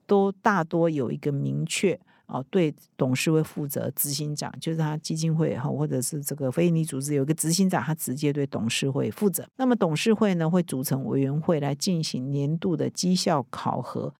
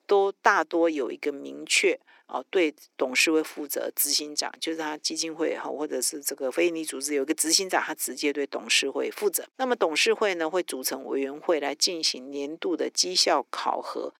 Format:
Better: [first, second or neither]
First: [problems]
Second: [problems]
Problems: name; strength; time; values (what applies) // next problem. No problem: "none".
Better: first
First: none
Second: thin; very; fading below 300 Hz